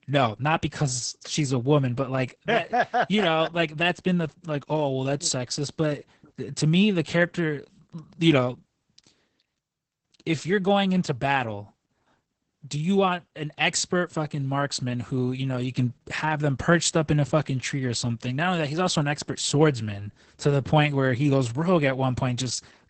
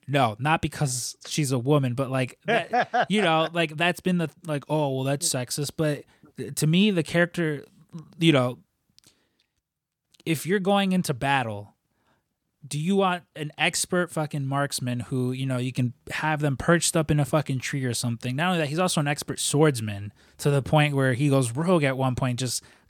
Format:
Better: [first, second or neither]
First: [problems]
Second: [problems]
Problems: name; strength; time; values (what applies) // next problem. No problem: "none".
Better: second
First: garbled, watery; badly; nothing above 8 kHz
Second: none